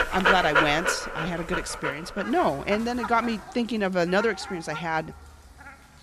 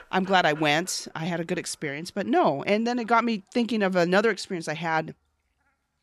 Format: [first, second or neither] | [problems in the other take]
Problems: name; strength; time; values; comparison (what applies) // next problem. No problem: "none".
second | animal sounds; loud; throughout; 2 dB below the speech; faint in the second